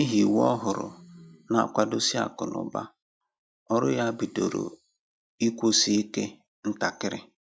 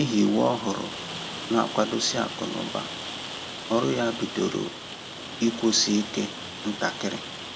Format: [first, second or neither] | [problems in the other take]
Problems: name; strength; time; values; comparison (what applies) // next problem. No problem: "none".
first | background sound (Rain); 9 dB below the speech // room echo; dies away in 1.9 s